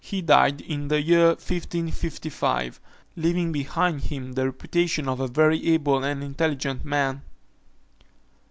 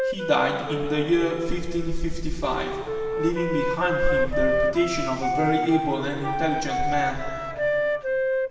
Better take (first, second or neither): first